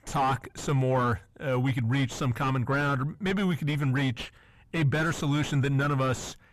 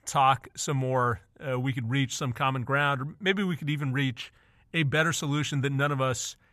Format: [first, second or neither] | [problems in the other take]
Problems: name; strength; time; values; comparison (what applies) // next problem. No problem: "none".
second | distortion; heavy; 3 dB below the speech